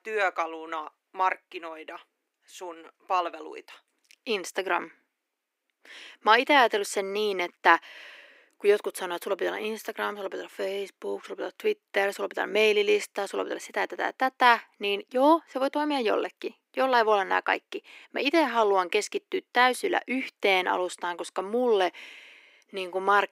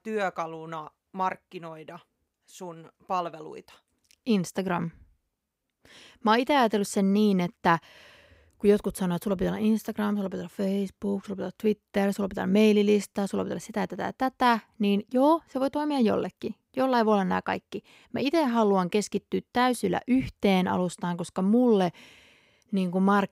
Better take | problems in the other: second | thin; very; fading below 300 Hz

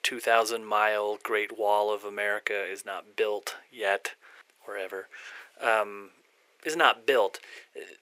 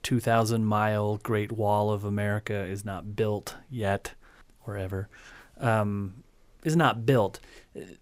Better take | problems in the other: second | thin; very; fading below 400 Hz

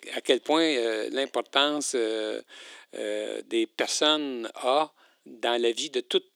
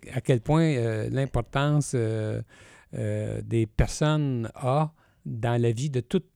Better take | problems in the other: second | thin; very; fading below 300 Hz

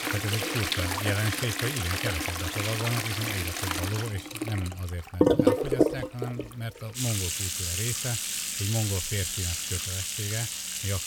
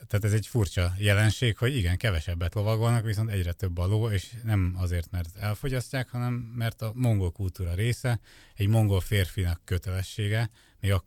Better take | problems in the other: second | household noises; very loud; throughout; 4 dB above the speech

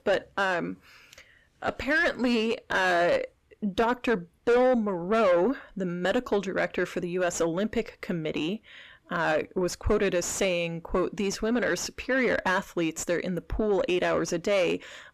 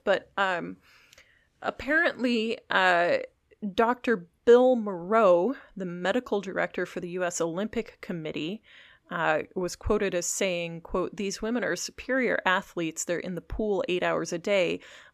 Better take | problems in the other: second | distortion; heavy; 7 dB below the speech

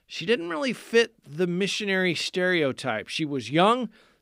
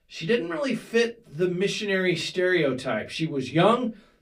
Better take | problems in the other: first | off-mic speech; far // room echo; very slight; dies away in 0.2 s

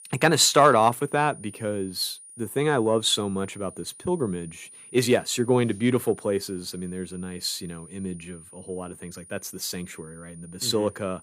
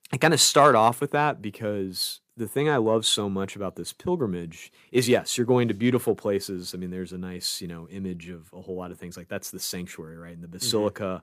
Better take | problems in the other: second | high-pitched whine; faint; throughout; 9.5 kHz, 20 dB below the speech

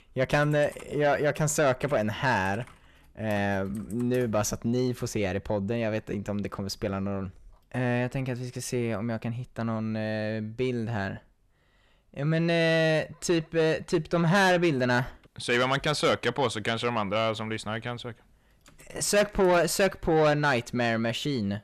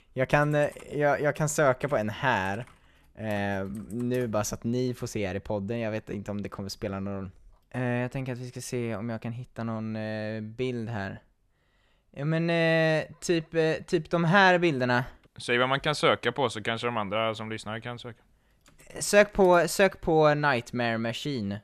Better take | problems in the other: second | distortion; slight; 10 dB below the speech

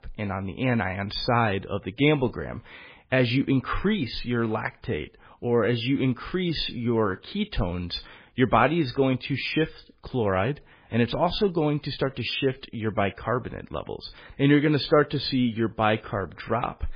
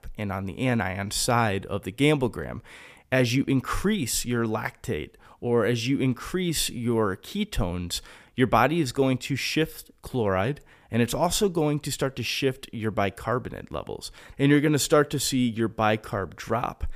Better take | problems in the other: second | garbled, watery; badly; nothing above 4.5 kHz

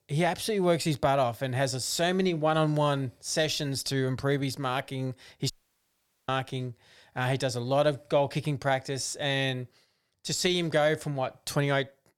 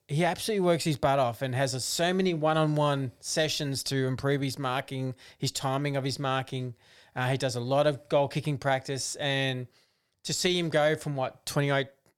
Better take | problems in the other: second | audio cutting out; at 5.5 s for 1 s

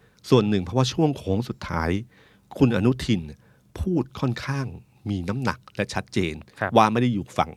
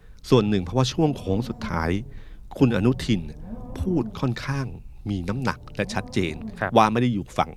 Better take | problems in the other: first | low rumble; faint; throughout; 20 dB below the speech

